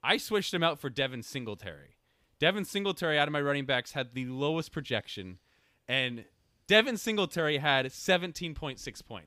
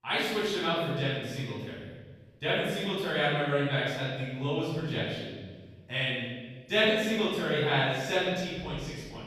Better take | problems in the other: first | off-mic speech; far // room echo; strong; dies away in 1.4 s

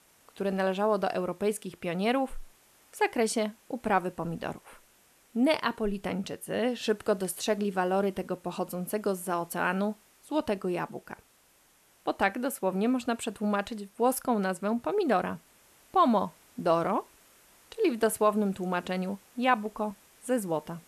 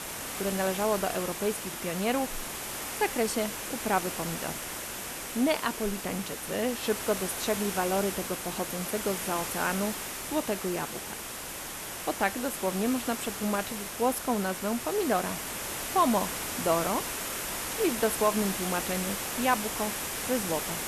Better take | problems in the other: first | hiss; loud; throughout; 3 dB below the speech; faint in the first

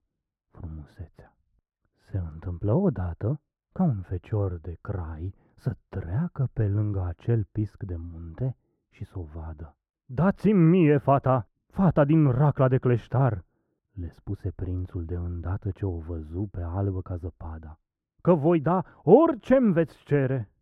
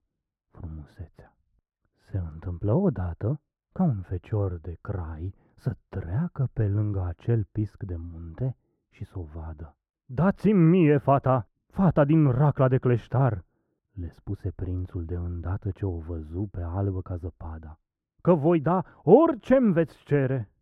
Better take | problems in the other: neither | muffled; very; fading above 2 kHz; the same in both

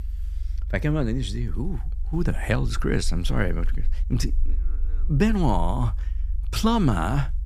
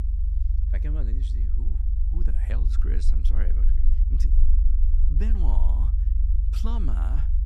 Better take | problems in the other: first | low rumble; loud; throughout; 3 dB below the speech; faint in the first

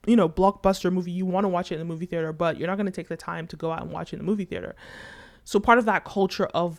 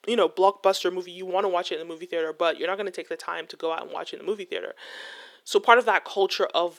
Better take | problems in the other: first | thin; very; fading below 350 Hz

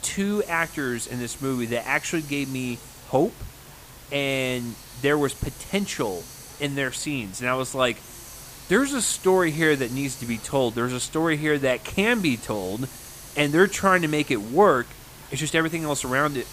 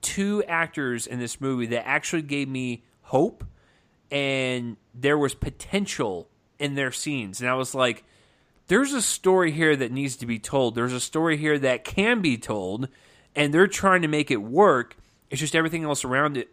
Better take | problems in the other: second | hiss; noticeable; throughout; 15 dB below the speech

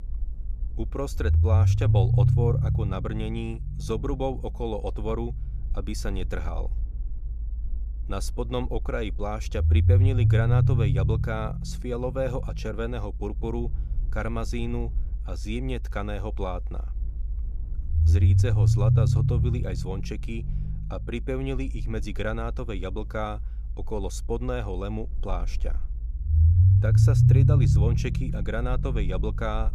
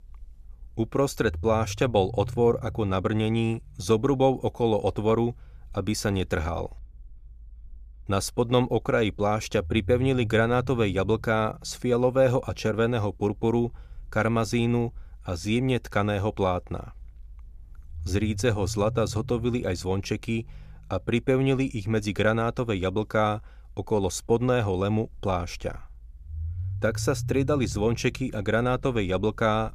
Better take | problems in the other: second | low rumble; loud; throughout; 3 dB below the speech; faint in the second

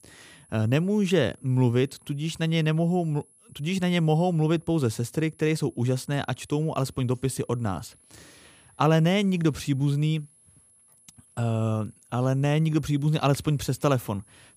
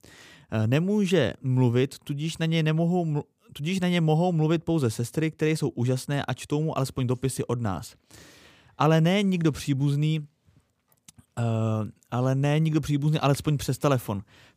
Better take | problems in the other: second | high-pitched whine; faint; throughout; 10.5 kHz, 30 dB below the speech

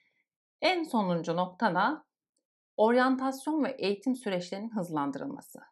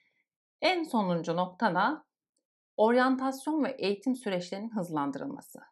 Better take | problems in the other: neither | none

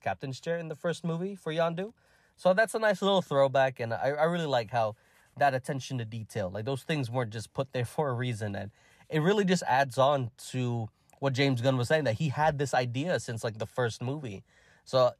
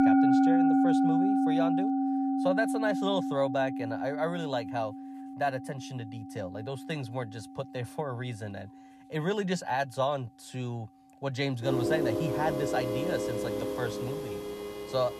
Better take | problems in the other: first | background music; very loud; throughout; 5 dB above the speech

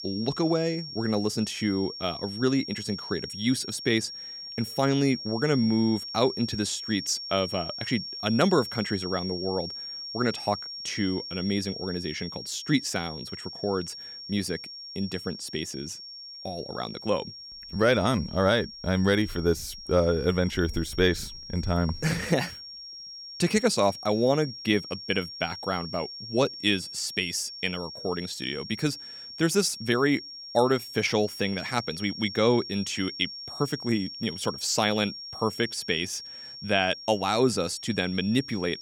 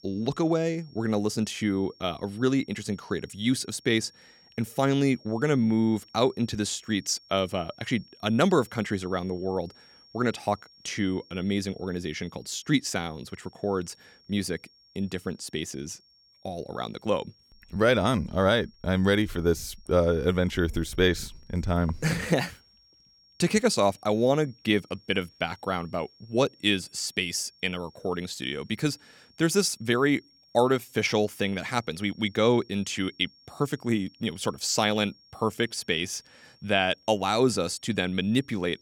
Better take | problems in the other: second | high-pitched whine; loud; throughout; 5.5 kHz, 10 dB below the speech; faint in the second

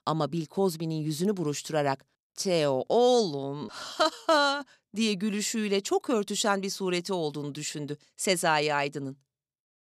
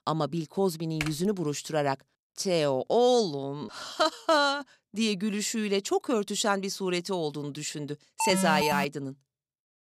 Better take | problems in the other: first | keyboard typing; noticeable; at 1 s; peak 8 dB below the speech // alarm; noticeable; at 8 s; peak level with the speech

